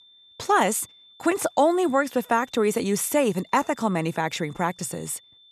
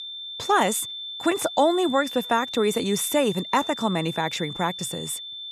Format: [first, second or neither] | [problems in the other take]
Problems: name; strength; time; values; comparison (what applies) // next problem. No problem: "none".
first | high-pitched whine; loud; throughout; 3.5 kHz, 9 dB below the speech; faint in the first